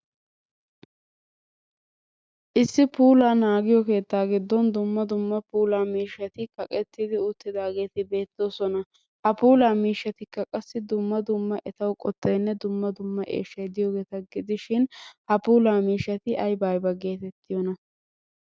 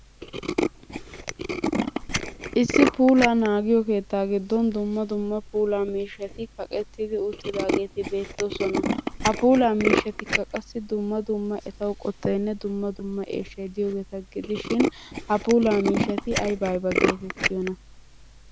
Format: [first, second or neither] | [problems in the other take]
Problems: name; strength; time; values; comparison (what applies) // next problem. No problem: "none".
first | background sound (Tools); 5 dB below the speech